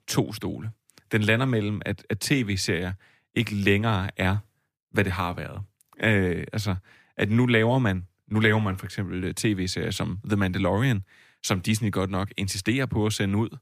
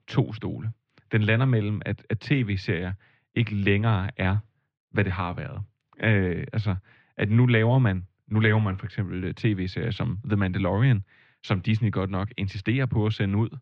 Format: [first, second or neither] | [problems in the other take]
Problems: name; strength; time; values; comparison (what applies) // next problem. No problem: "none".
first | muffled; slightly; fading above 3.5 kHz